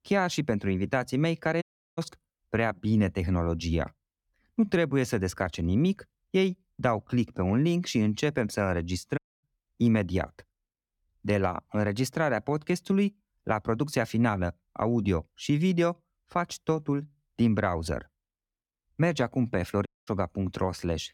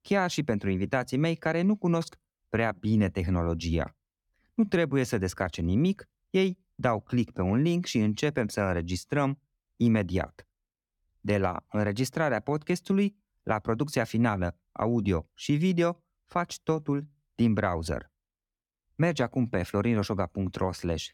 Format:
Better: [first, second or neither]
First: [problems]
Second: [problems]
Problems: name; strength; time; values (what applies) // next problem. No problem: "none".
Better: second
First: audio cutting out; at 1.5 s, at 9 s and at 20 s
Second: none